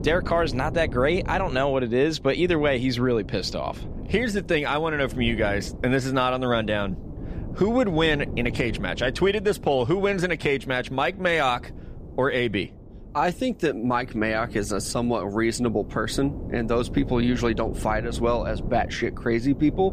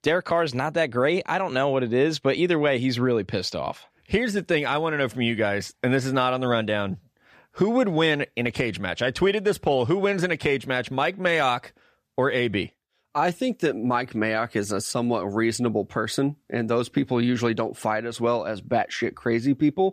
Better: second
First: wind noise on the microphone; occasional gusts; 20 dB below the speech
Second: none

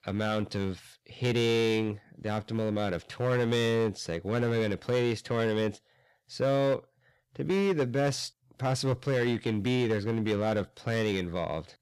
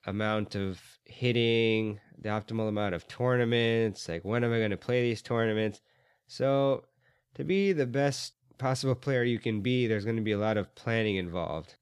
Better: second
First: distortion; slight; 7% of the sound clipped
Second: none

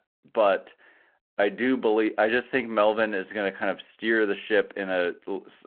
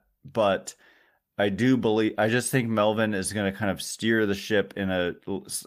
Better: second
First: phone-call audio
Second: none

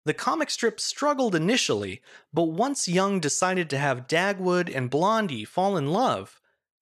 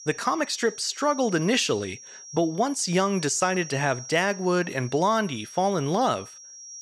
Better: first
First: none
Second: high-pitched whine; noticeable; throughout; 5.5 kHz, 15 dB below the speech

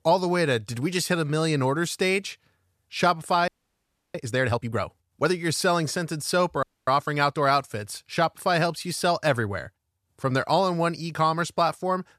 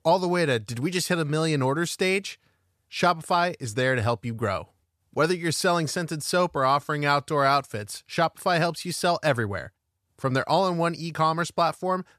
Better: second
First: audio freezing; at 3.5 s for 0.5 s and at 6.5 s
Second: none

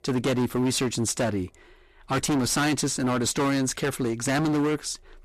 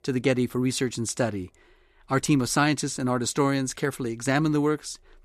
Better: second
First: distortion; heavy; 22% of the sound clipped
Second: none

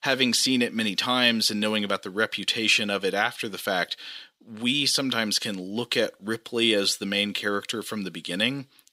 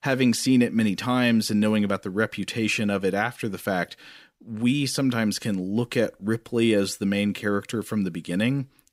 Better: second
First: thin; very slightly; fading below 1 kHz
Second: none

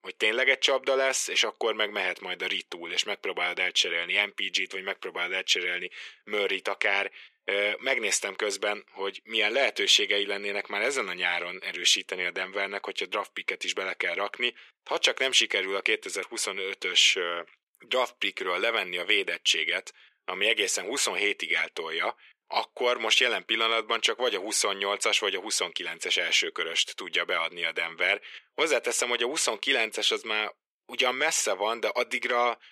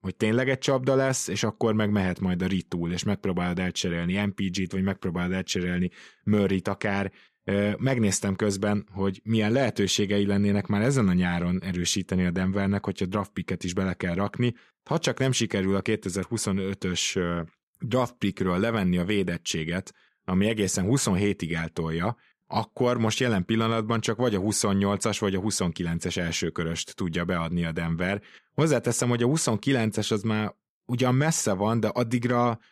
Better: second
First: thin; very; fading below 400 Hz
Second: none

